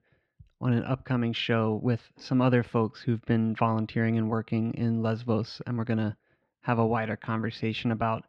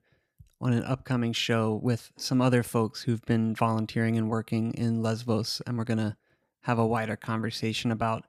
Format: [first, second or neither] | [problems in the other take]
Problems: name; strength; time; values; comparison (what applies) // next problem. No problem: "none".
second | muffled; slightly; fading above 3.5 kHz